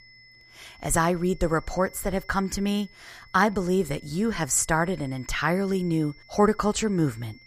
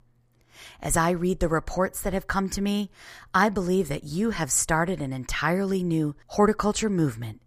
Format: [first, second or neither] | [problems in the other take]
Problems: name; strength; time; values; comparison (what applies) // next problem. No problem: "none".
second | high-pitched whine; faint; throughout; 2 kHz, 25 dB below the speech